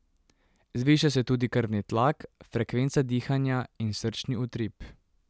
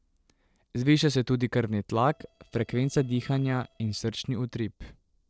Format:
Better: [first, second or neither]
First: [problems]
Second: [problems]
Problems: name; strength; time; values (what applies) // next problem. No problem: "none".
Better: first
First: none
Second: noise reduction (neural separator model SepFormer DNS4)